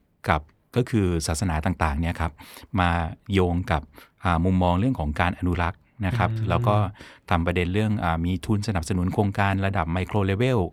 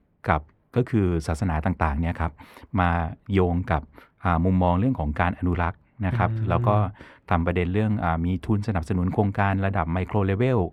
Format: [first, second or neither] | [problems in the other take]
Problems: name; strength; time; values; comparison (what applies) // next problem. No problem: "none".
first | muffled; slightly; fading above 3 kHz